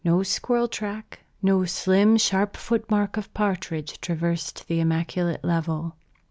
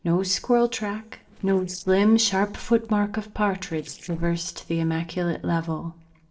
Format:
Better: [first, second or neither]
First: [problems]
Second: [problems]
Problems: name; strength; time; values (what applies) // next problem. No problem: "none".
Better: first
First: none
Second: noise reduction (neural separator model SepFormer DNS4)